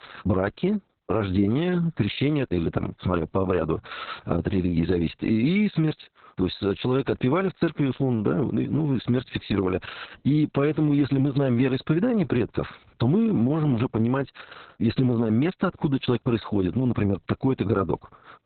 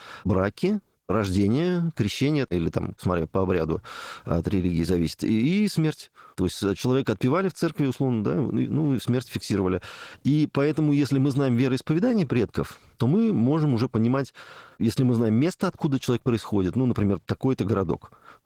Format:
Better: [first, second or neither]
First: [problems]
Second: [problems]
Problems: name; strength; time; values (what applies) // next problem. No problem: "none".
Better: second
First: garbled, watery; badly; nothing above 4 kHz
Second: garbled, watery; slightly; nothing above 19 kHz